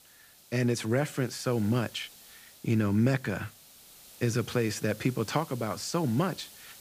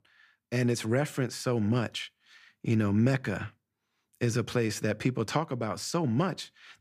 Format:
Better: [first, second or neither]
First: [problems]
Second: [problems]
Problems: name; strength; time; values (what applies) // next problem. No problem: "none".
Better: second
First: hiss; noticeable; throughout; 20 dB below the speech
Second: none